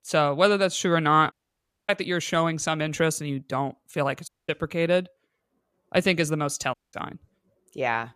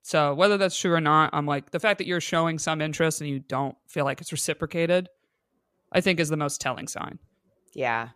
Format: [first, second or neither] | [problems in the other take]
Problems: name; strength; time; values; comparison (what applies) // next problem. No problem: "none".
second | audio cutting out; at 1.5 s for 0.5 s, at 4.5 s and at 6.5 s